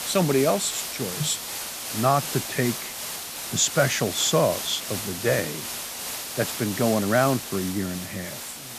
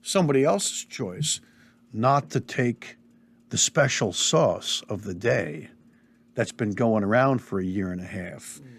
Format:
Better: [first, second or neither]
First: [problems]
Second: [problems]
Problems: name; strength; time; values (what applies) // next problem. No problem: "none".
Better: second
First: hiss; loud; throughout; 6 dB below the speech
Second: none